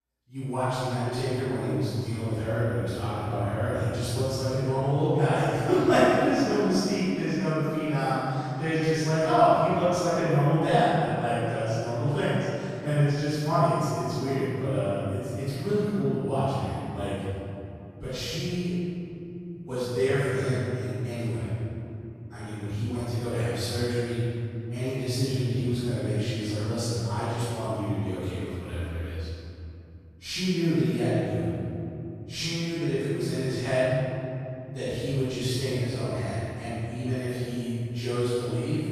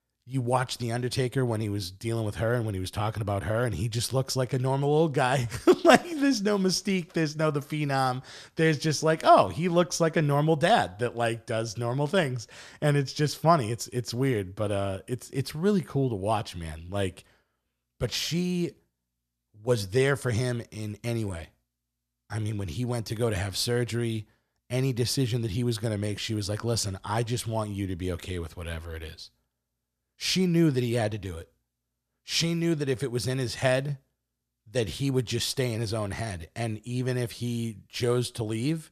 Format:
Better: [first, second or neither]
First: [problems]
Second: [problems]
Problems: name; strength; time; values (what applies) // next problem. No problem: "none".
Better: second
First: room echo; strong; dies away in 2.9 s // off-mic speech; far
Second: none